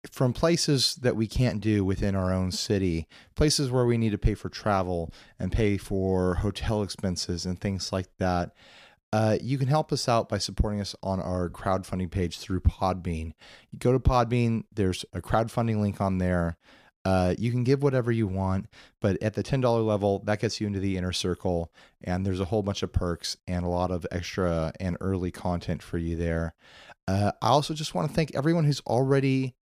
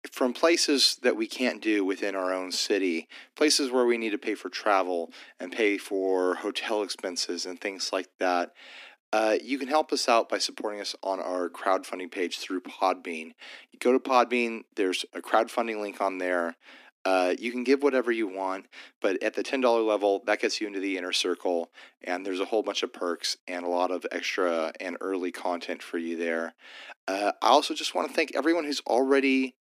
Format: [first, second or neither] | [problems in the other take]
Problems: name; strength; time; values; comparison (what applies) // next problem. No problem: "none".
first | thin; somewhat; fading below 250 Hz